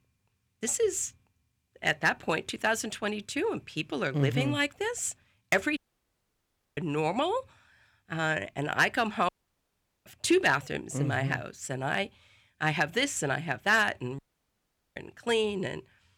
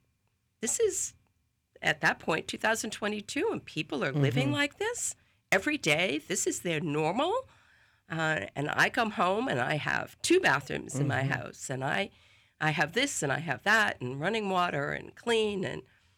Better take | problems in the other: second | audio cutting out; at 6 s for 1 s, at 9.5 s for 1 s and at 14 s for 1 s

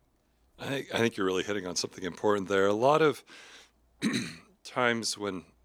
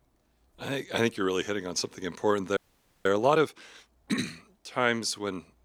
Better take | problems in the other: first | audio freezing; at 2.5 s

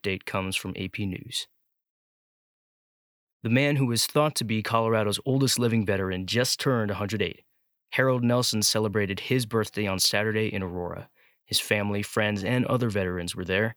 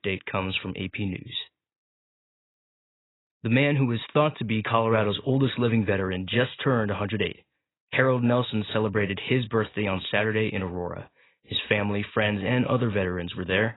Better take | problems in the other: first | garbled, watery; badly; nothing above 4 kHz

